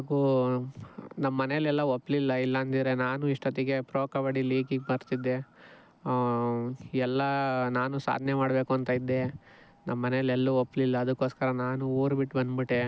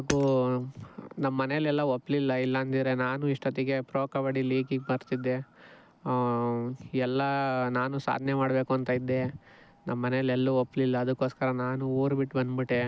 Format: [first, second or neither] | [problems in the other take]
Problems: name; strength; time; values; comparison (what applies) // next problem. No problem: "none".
first | background sound (Hammer); 15 dB below the speech